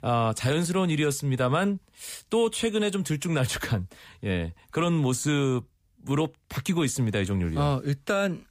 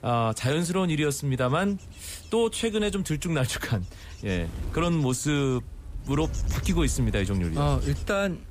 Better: first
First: none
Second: wind noise on the microphone; occasional gusts; 20 dB below the speech

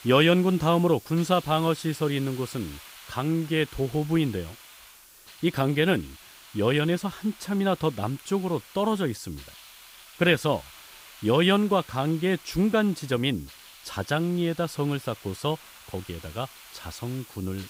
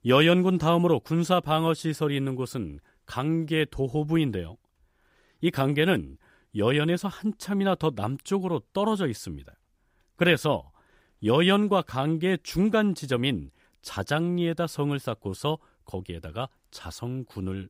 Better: second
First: hiss; noticeable; throughout; 20 dB below the speech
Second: none

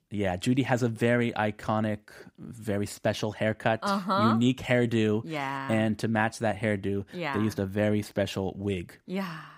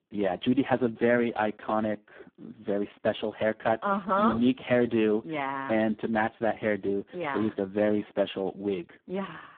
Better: first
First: none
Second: phone-call audio; poor line

